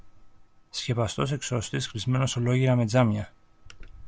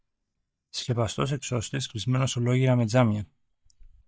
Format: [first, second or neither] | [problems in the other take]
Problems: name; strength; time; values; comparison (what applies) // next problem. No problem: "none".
first | noise reduction (neural mask model DeepFilterNet 3)